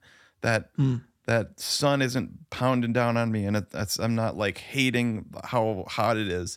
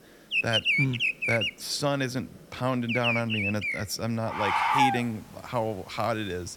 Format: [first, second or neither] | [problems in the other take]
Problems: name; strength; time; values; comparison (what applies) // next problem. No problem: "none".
first | animal sounds; very loud; throughout; 3 dB above the speech